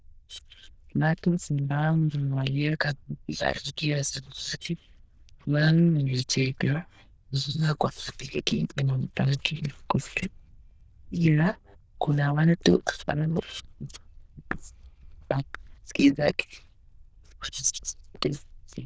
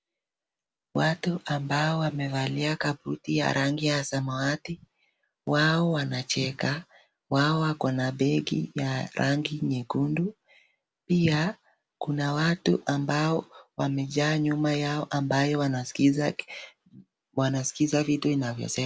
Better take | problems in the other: second | noise reduction (neural diffusion model UNIVERSE++)

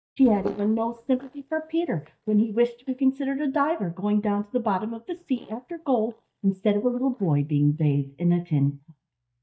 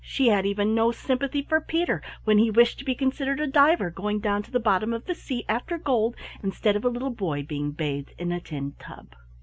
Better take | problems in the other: second | noise reduction (neural mask model DeepFilterNet 3)

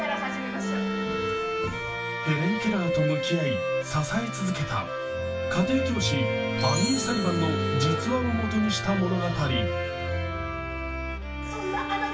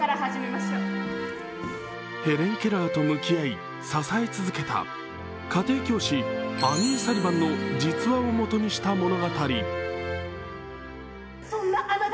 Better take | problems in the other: second | background sound (Bowed string instrument); 5 dB below the speech // room echo; dies away in 0.2 s

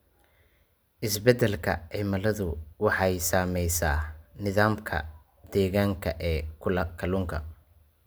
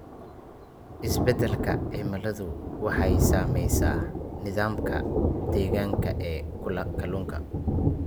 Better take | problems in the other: first | background sound (Thunder); 4 dB above the speech

